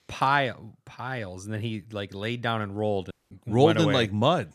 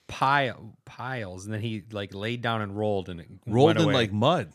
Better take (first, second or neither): second